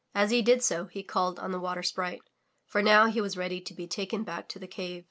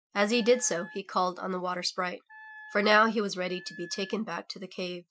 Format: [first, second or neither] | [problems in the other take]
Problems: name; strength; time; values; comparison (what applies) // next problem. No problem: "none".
first | noise reduction (classical method Wiener filter)